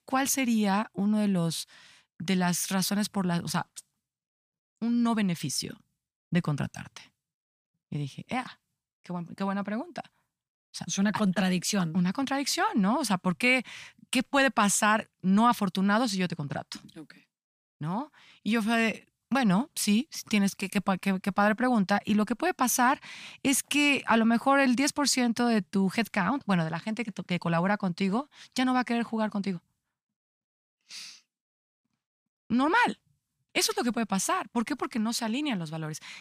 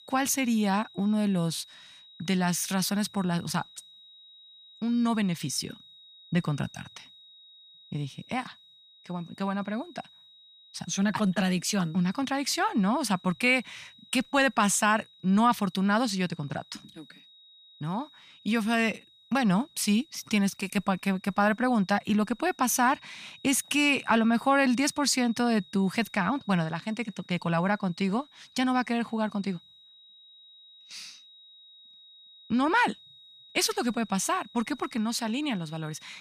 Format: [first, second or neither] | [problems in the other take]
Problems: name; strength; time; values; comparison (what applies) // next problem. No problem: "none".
first | high-pitched whine; faint; throughout; 4 kHz, 25 dB below the speech